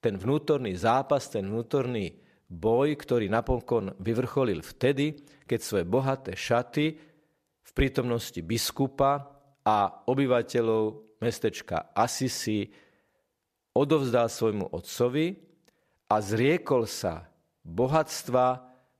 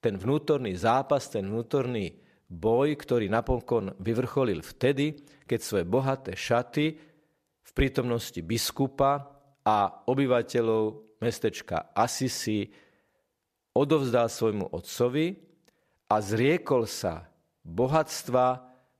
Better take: neither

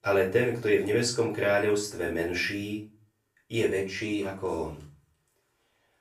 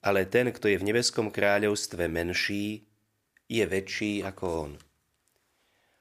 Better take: second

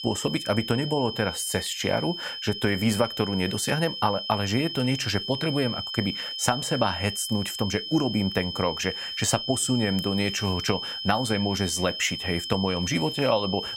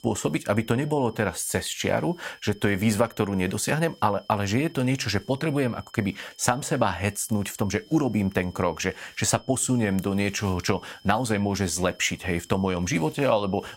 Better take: second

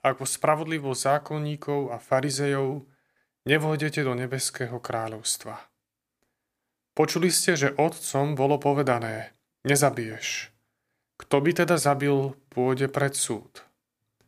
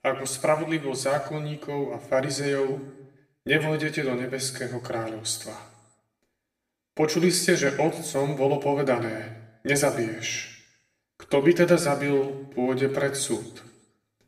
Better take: first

